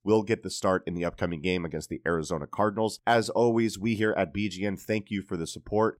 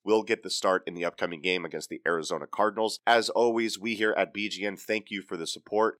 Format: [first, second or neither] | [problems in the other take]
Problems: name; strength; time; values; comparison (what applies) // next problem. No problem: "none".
first | thin; somewhat; fading below 300 Hz